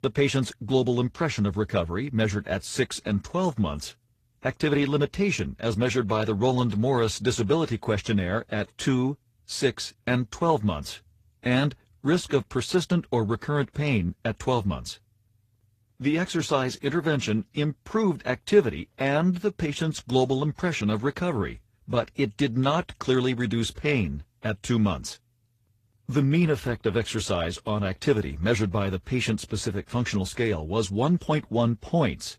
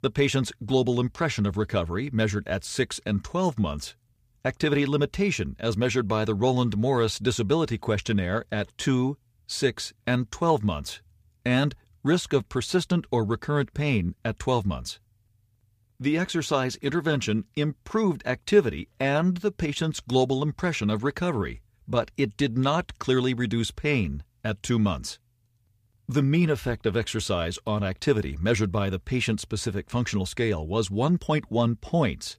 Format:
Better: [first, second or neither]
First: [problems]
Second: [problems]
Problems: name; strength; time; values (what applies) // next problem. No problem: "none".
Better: second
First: garbled, watery; slightly; nothing above 14.5 kHz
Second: none